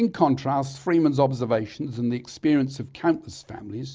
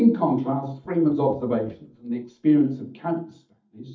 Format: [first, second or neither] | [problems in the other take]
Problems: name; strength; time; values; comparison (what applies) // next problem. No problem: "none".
first | noise reduction (neural mask model DeepFilterNet 3)